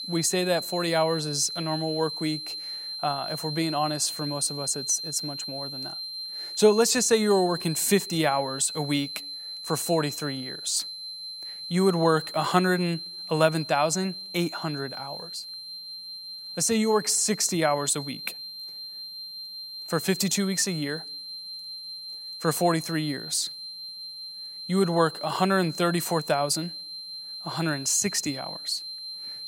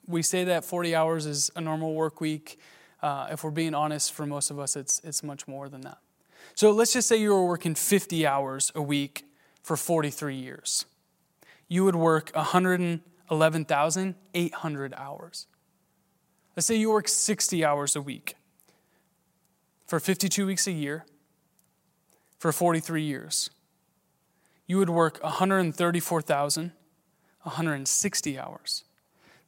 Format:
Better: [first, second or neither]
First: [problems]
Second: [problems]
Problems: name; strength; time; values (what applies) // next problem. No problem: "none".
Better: second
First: high-pitched whine; loud; throughout; 4 kHz, 9 dB below the speech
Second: none